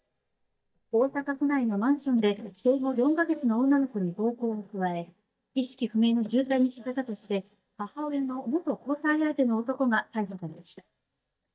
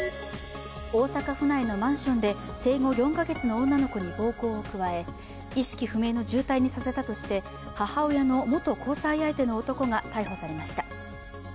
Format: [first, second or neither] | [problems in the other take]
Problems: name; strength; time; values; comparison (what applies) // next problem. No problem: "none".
second | noise reduction (neural mask model DeepFilterNet 3)